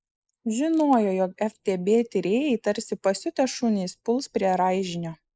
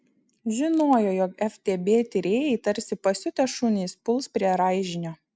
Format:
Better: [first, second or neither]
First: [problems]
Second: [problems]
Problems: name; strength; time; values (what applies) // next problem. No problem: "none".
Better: second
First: noise reduction (neural mask model Resemble Enhance denoiser)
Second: none